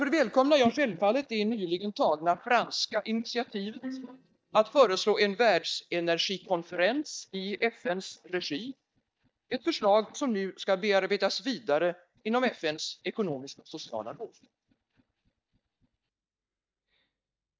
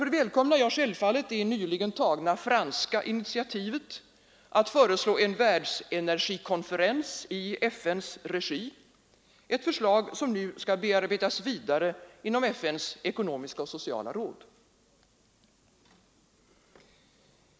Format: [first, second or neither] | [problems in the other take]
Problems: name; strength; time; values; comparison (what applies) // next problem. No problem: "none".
second | noise reduction (neural mask model DeepFilterNet 3)